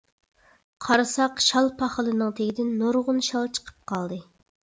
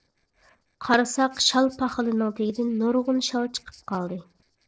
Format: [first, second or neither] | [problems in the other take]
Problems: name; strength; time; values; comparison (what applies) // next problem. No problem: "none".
first | noise reduction (neural separator model SepFormer DNS4)